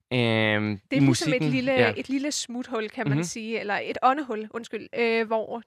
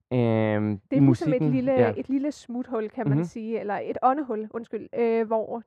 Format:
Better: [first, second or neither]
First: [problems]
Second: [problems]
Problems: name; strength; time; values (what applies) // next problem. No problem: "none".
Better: first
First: none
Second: muffled; very; fading above 1.5 kHz